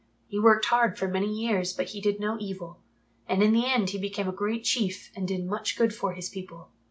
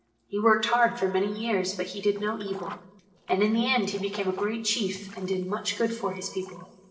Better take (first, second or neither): first